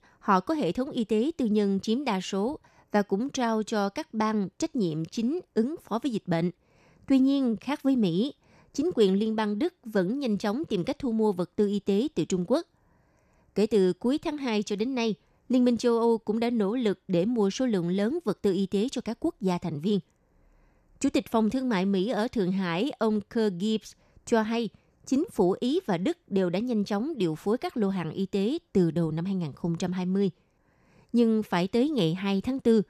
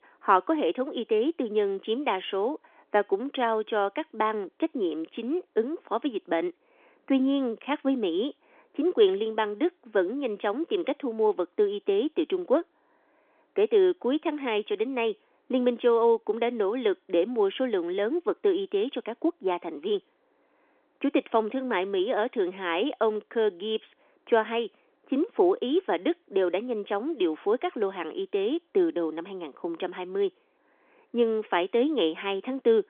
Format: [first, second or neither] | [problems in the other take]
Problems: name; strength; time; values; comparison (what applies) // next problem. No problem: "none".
first | phone-call audio; nothing above 3.5 kHz